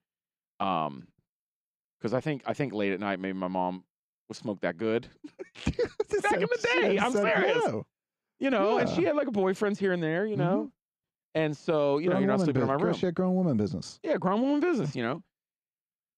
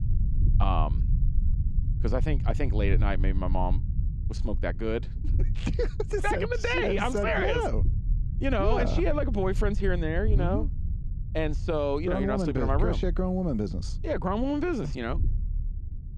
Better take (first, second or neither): first